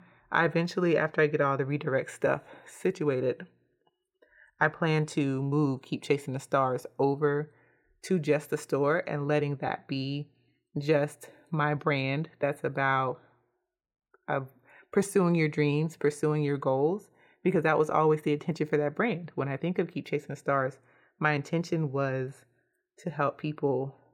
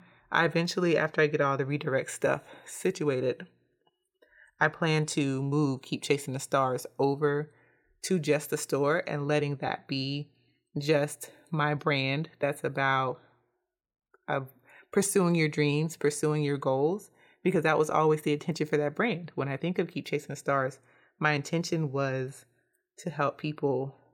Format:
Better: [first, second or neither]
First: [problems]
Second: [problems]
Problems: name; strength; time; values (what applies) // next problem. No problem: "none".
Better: second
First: muffled; very slightly; fading above 3 kHz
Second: none